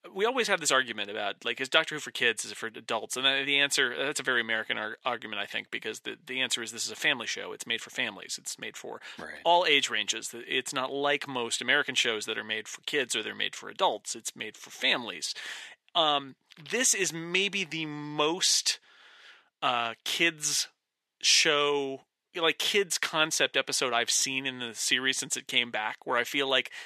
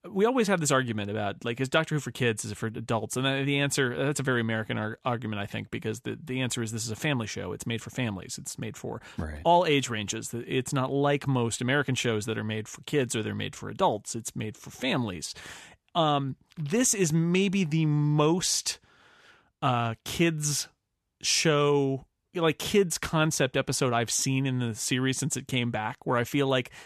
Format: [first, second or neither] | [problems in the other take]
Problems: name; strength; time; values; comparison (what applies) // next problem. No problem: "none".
second | thin; somewhat; fading below 400 Hz